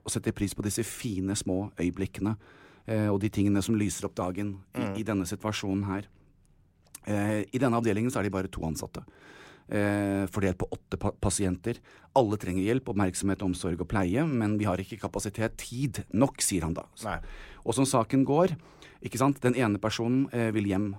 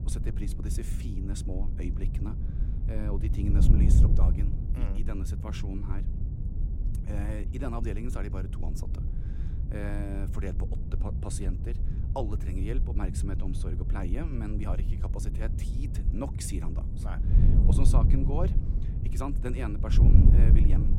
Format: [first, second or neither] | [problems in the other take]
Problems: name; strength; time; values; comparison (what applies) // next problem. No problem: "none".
first | wind noise on the microphone; heavy; 2 dB below the speech